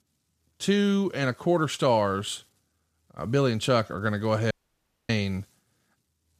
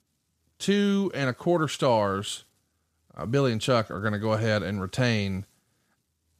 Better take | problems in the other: second | audio cutting out; at 4.5 s for 0.5 s

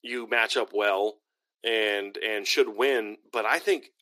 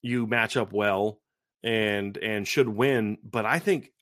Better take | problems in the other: second | thin; very; fading below 300 Hz

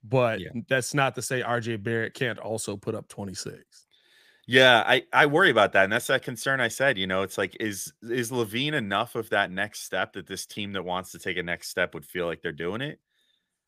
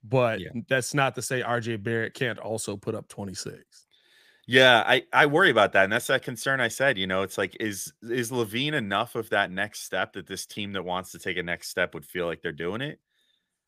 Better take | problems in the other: neither | none

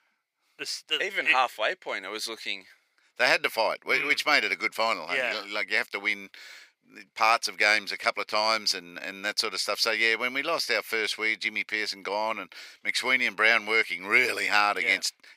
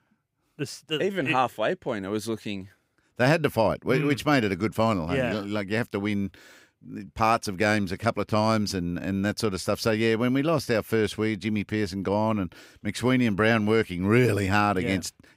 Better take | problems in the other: second | thin; very; fading below 700 Hz

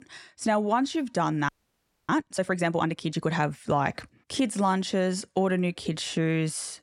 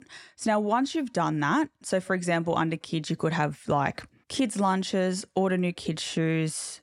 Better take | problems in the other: second | audio freezing; at 1.5 s for 0.5 s

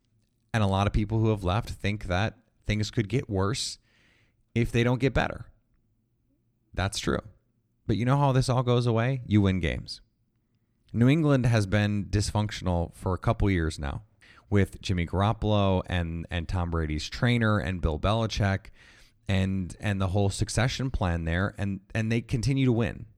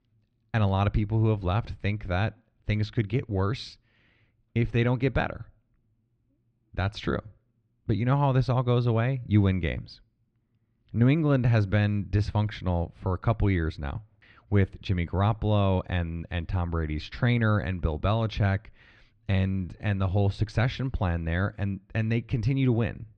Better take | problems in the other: first | muffled; slightly; fading above 3.5 kHz

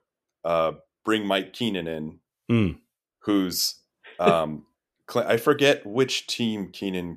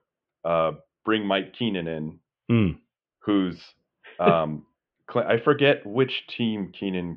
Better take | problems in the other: first | muffled; very; fading above 3 kHz

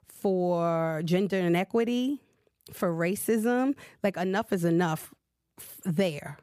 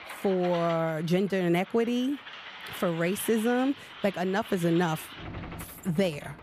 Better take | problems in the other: first | traffic noise; noticeable; throughout; 15 dB below the speech

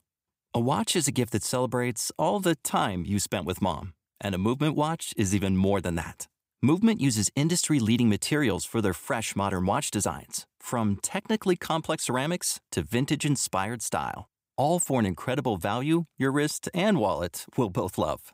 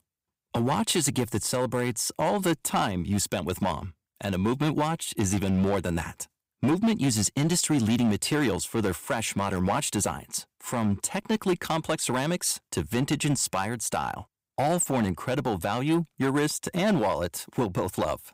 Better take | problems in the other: first | distortion; slight; 6% of the sound clipped

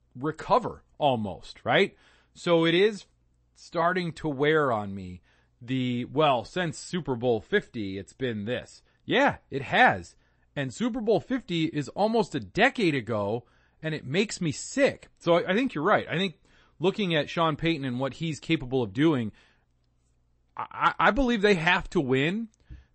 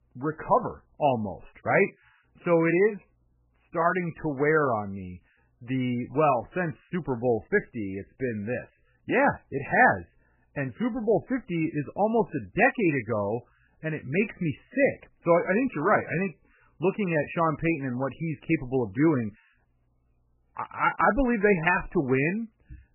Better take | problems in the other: first | garbled, watery; badly; nothing above 2.5 kHz; slightly in the first

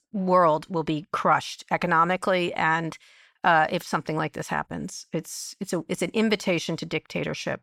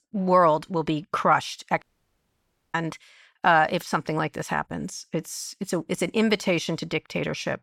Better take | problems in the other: first | audio cutting out; at 2 s for 1 s

